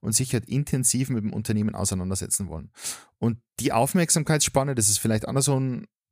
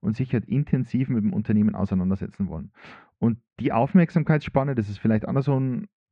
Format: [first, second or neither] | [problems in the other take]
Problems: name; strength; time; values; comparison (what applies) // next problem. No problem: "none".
first | muffled; very; fading above 2.5 kHz